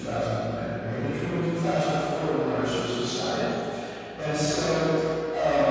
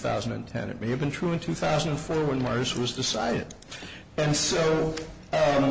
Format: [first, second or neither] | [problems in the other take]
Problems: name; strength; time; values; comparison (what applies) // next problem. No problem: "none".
second | room echo; dies away in 2.2 s